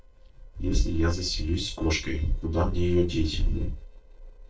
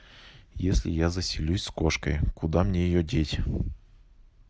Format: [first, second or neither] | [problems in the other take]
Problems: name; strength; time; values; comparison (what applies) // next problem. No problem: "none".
second | noise reduction (neural separator model SepFormer DNS4)